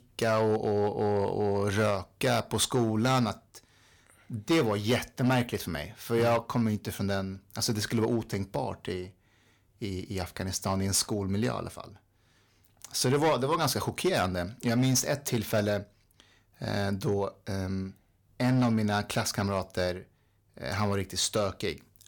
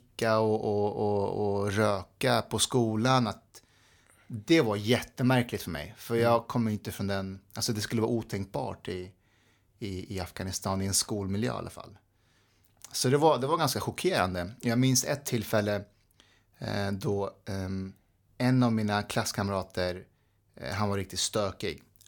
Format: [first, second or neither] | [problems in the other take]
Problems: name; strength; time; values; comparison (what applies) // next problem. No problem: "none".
second | distortion; slight; 4% of the sound clipped